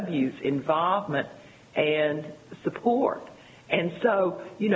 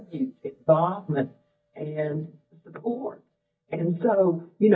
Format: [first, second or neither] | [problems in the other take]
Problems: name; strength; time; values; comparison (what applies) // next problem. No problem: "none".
first | noise reduction (neural mask model DeepFilterNet 3)